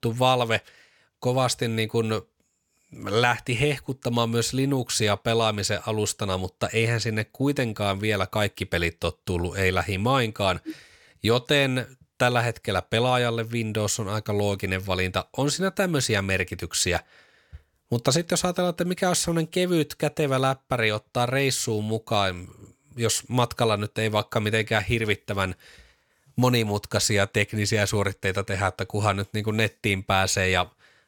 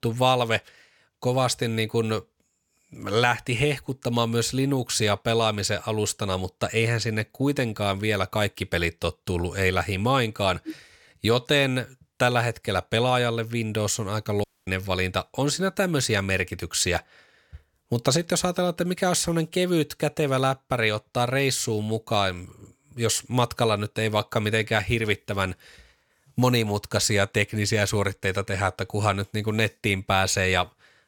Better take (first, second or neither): first